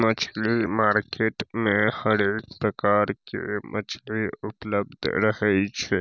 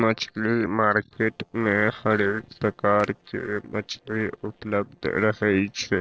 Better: first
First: none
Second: noise reduction (neural separator model SepFormer DNS4)

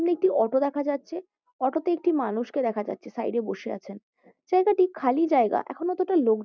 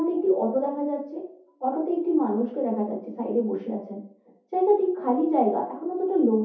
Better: first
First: none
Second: room echo; dies away in 0.5 s

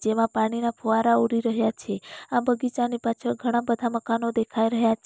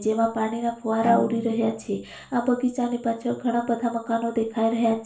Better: first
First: none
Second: background sound (Bowed string instrument); 12 dB below the speech // room echo; dies away in 0.3 s

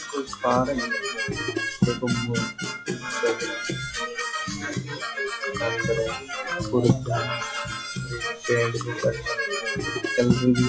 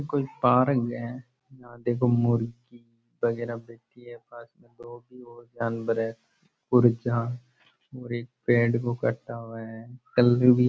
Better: second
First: noise reduction (classical method WPE with log-MMSE)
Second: none

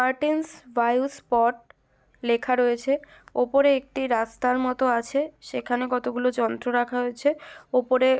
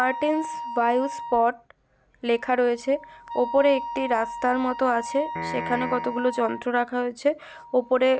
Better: first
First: none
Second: background sound (Wind instrument, woodwind instrument + Piano); 10 dB below the speech

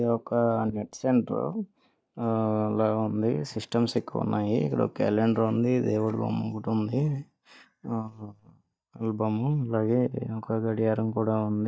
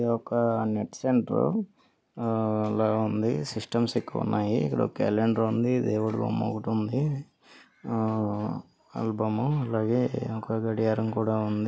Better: second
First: noise reduction (neural mask model DeepFilterNet 3)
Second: none

